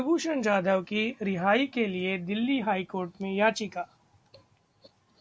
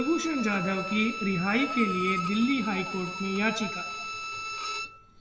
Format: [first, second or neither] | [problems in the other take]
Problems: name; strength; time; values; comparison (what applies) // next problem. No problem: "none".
first | background sound (Bowed string instrument); 6 dB below the speech // room echo; dies away in 1.2 s